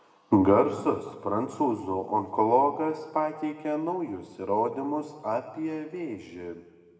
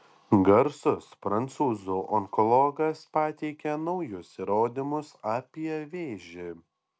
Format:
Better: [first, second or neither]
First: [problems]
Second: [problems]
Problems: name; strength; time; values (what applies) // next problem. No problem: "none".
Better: second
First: room echo; dies away in 1.3 s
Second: none